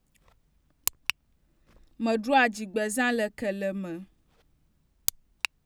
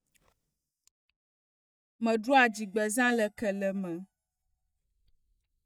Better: first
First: none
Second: noise reduction (neural mask model DeepFilterNet 3)

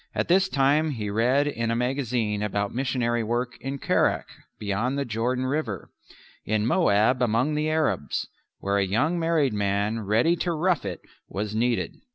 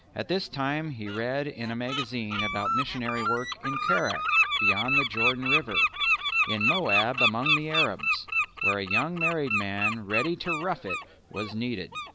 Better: first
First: none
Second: background sound (Bird); 3 dB above the speech

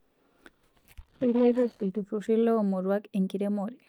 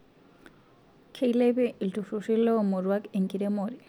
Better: second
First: noise reduction (neural mask model DeepFilterNet 3)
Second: none

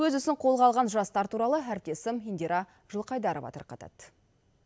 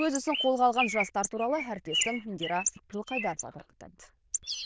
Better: first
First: none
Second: noise reduction (neural diffusion model UNIVERSE++)

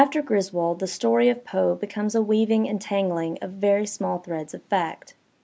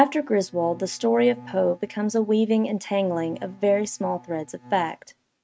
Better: first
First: none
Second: noise reduction (neural mask model RNNoise)

